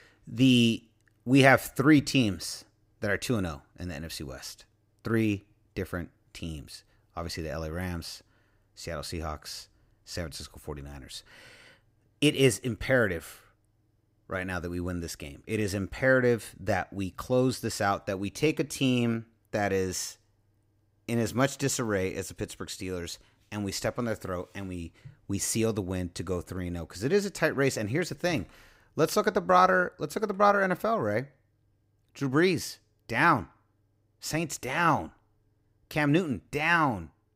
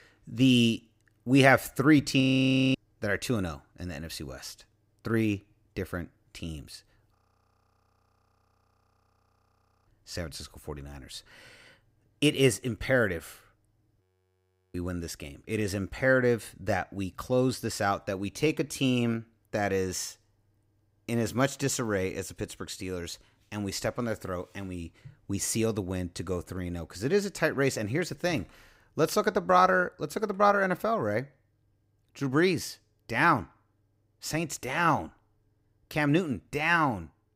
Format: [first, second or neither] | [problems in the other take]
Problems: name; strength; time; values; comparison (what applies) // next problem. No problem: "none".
first | audio freezing; at 2 s for 0.5 s, at 7 s for 2.5 s and at 14 s for 0.5 s